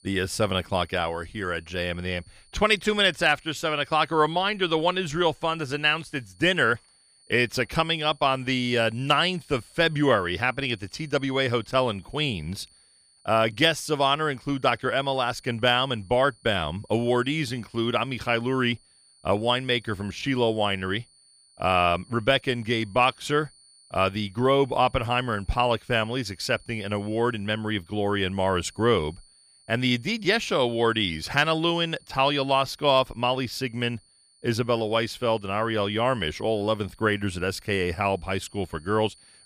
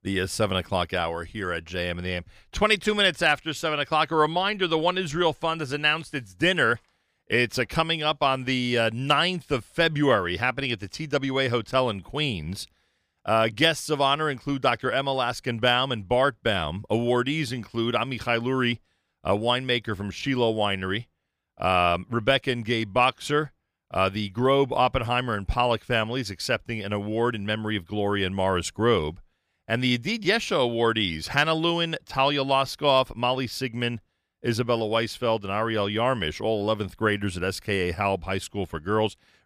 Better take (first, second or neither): second